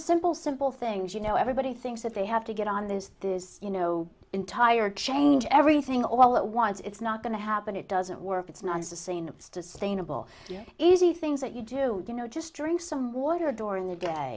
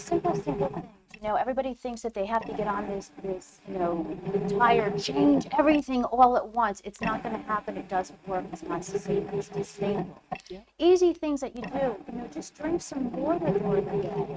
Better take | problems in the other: first | noise reduction (neural mask model RNNoise)

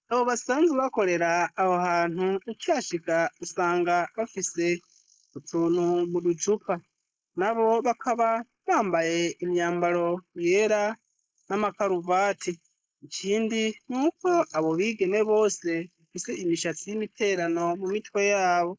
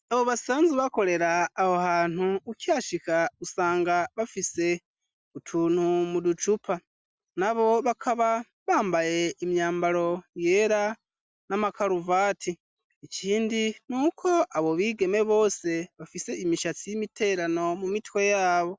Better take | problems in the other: second | noise reduction (neural mask model Resemble Enhance denoiser)

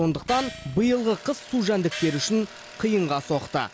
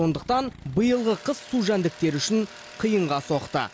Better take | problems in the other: second | background sound (Gong); 16 dB below the speech

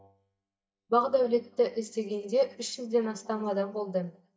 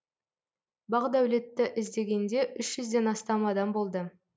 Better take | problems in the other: second | noise reduction (neural mask model DeepFilterNet 3)

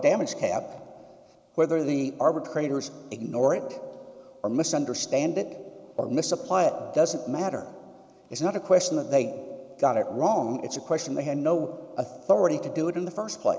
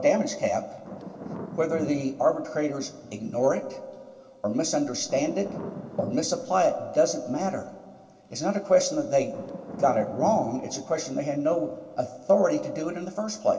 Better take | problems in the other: first | background sound (Thunder / Rain); 16 dB below the speech // room echo; dies away in 0.2 s

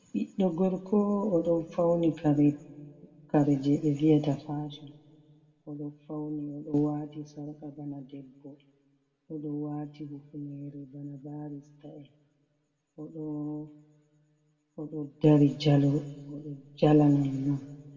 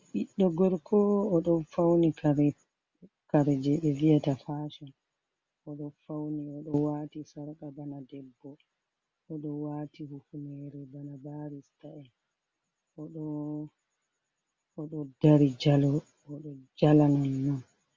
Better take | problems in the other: second | room echo; dies away in 1.1 s

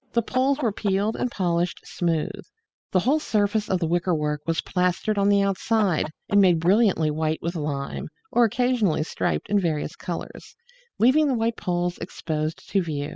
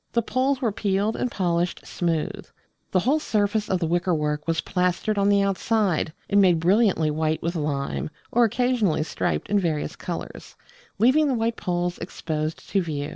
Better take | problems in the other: second | noise reduction (classical method spectral subtraction)

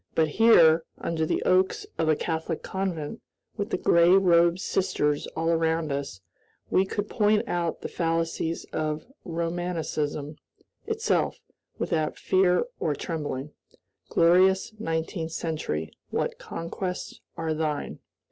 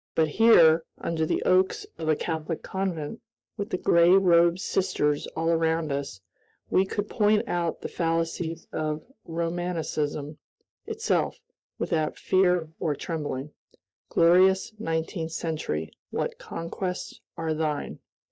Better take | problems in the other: first | noise reduction (neural mask model DeepFilterNet 3)

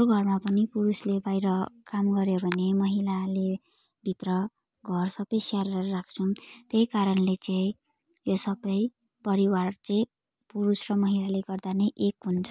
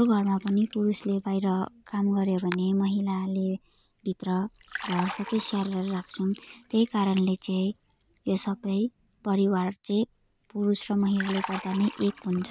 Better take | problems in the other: first | background sound (Liquid); 17 dB below the speech

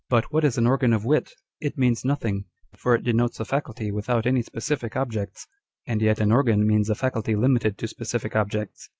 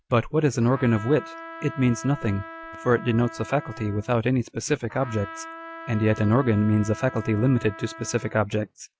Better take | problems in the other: first | background sound (Trumpet); 16 dB below the speech

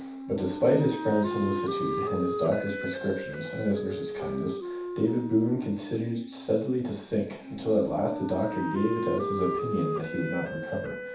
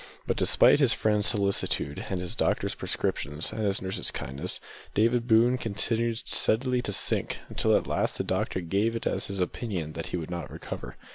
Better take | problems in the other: second | background sound (Wind instrument, woodwind instrument); 5 dB below the speech // room echo; dies away in 0.7 s

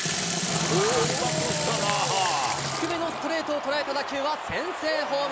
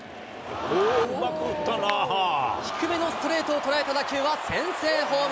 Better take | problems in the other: second | background sound (Sink (filling or washing) / Water tap, faucet); 3 dB below the speech

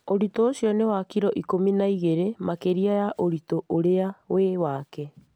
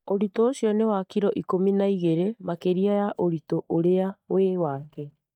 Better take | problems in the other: first | noise reduction (neural mask model DeepFilterNet 3)

